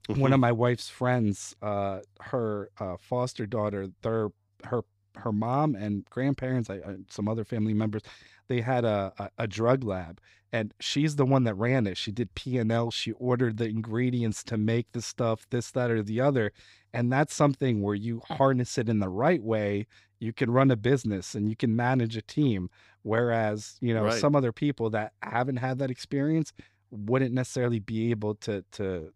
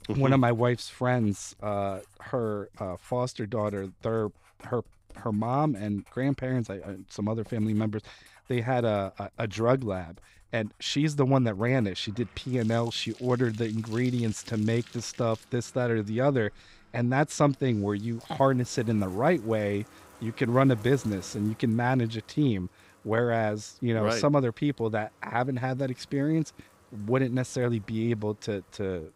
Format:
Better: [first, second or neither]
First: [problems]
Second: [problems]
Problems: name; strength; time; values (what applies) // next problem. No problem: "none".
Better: first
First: none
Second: household noises; faint; throughout; 25 dB below the speech